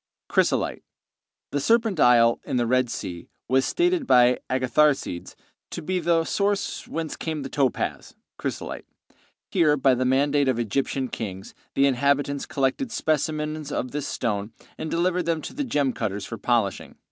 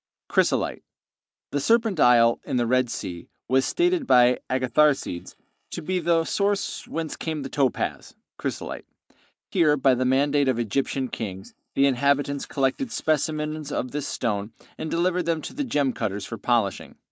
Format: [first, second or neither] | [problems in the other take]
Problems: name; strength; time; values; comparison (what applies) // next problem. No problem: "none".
first | noise reduction (neural mask model Resemble Enhance denoiser)